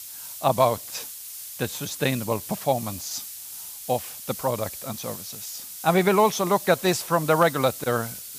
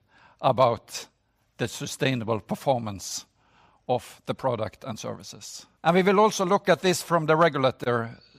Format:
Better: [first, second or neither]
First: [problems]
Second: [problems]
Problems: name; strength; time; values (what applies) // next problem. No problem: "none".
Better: second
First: hiss; noticeable; throughout; 10 dB below the speech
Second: none